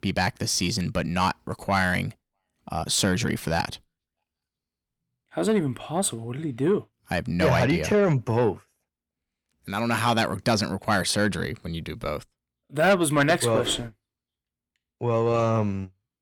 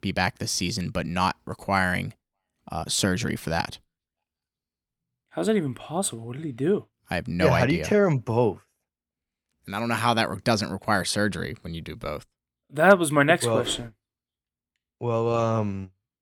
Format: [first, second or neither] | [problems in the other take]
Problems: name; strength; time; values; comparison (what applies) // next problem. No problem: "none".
second | distortion; slight; 10 dB below the speech